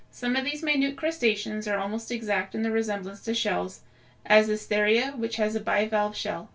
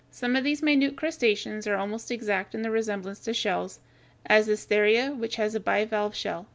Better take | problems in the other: second | room echo; dies away in 0.2 s

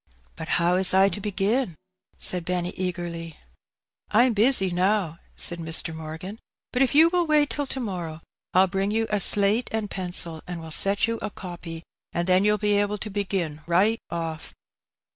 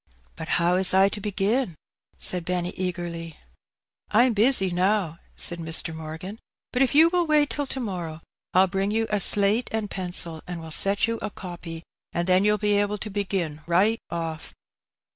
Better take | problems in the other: second | background sound (Snare drum); 19 dB below the speech

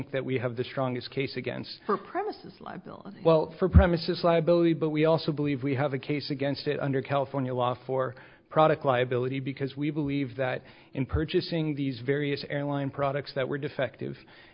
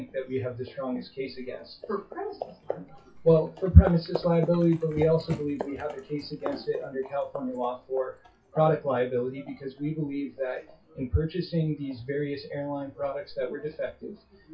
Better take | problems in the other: first | noise reduction (classical method WPE with log-MMSE)

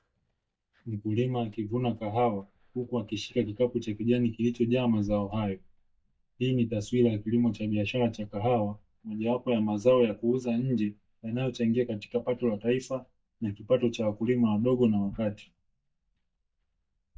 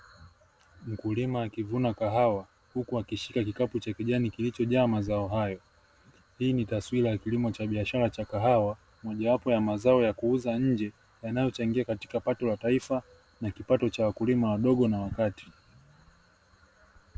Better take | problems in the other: second | noise reduction (neural mask model DeepFilterNet 3)

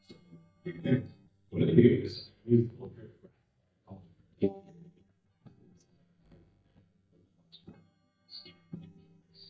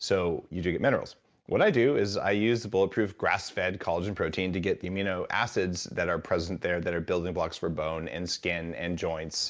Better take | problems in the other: second | noise reduction (neural mask model DeepFilterNet 3)

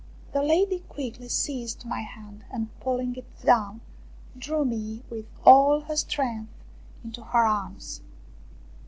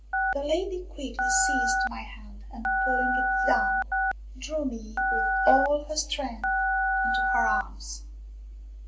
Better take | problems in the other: first | background sound (Telephone); 3 dB above the speech // room echo; dies away in 0.3 s

